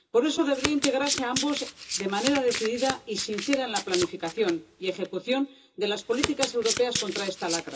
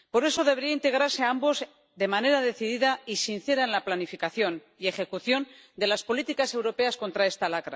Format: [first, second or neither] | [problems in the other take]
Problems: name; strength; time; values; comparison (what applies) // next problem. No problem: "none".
second | background sound (Domestic sounds, home sounds); 7 dB below the speech // room echo; dies away in 0.2 s